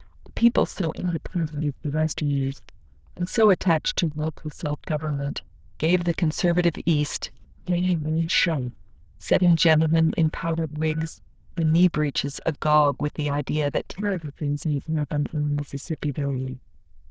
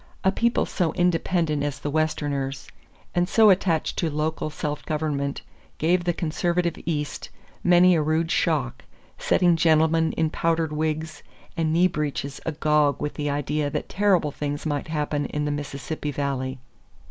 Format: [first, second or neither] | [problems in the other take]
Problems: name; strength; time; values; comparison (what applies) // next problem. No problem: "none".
second | noise reduction (neural diffusion model UNIVERSE++)